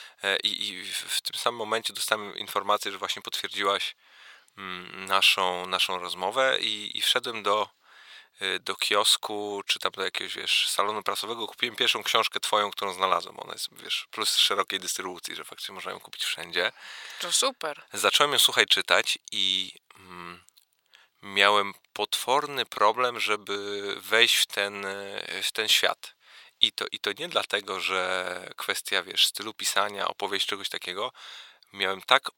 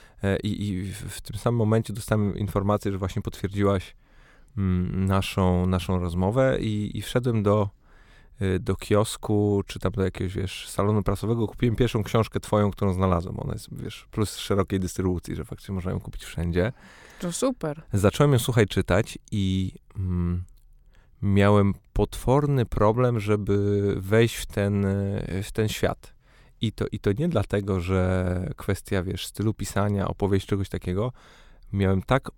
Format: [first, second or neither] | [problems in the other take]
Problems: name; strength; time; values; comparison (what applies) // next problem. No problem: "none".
second | thin; very; fading below 950 Hz